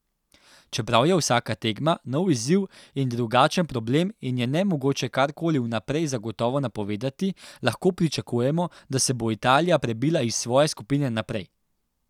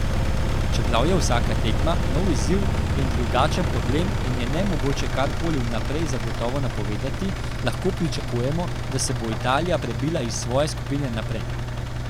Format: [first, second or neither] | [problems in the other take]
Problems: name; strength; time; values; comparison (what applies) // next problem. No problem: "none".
first | background sound (Engine); 3 dB above the speech